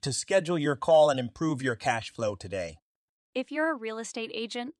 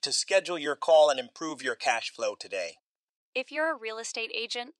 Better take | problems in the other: first | thin; somewhat; fading below 500 Hz

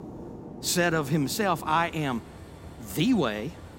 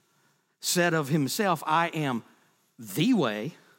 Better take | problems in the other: second | train or aircraft noise; noticeable; throughout; 15 dB below the speech

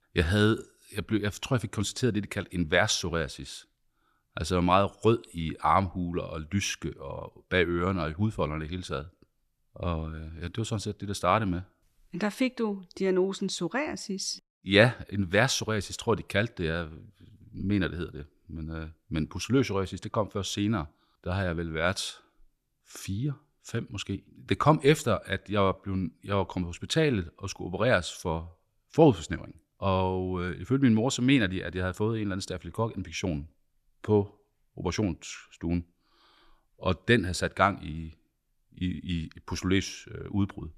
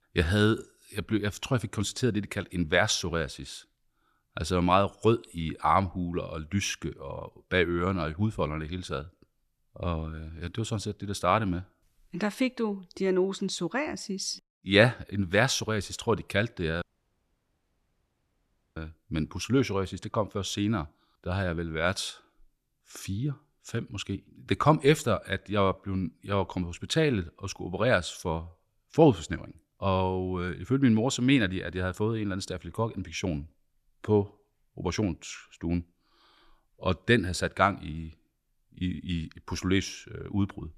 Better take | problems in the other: first | audio cutting out; at 17 s for 2 s

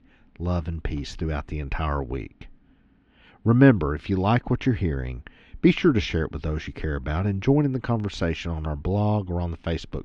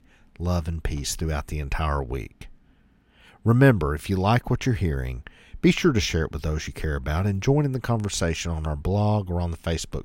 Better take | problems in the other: second | muffled; slightly; fading above 4 kHz

